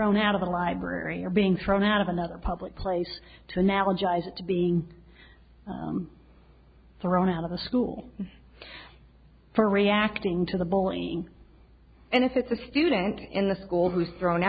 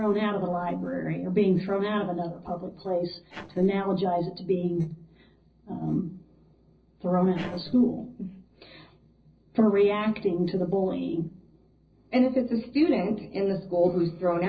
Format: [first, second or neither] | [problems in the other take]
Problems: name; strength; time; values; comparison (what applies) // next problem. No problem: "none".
first | noise reduction (neural separator model SepFormer DNS4)